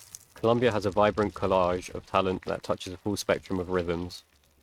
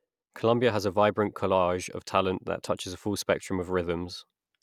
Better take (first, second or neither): second